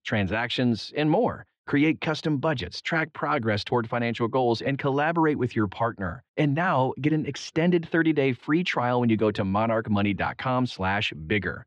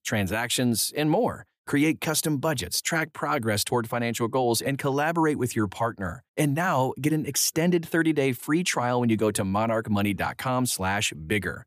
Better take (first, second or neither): second